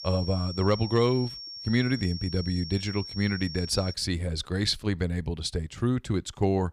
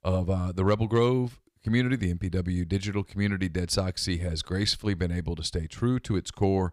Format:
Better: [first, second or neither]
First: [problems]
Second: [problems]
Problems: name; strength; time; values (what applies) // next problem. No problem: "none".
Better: second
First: high-pitched whine; loud; until 4 s; 5.5 kHz, 10 dB below the speech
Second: none